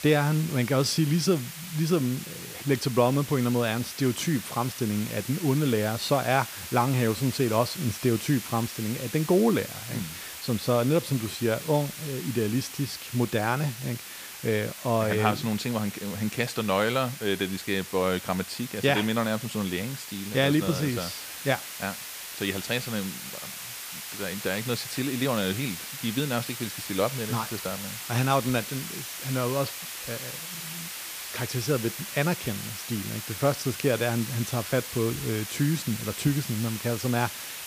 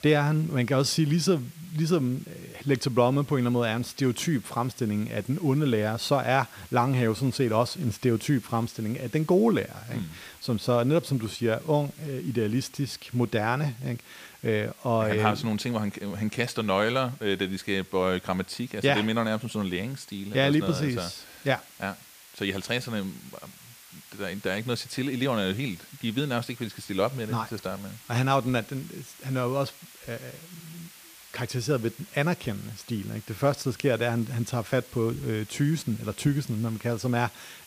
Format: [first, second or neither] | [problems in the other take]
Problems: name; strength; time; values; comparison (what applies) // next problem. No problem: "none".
second | hiss; loud; throughout; 8 dB below the speech; faint in the second